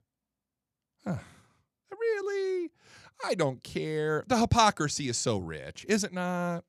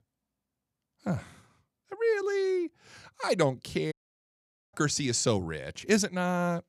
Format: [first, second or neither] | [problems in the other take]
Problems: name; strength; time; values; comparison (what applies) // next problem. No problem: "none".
first | audio cutting out; at 4 s for 1 s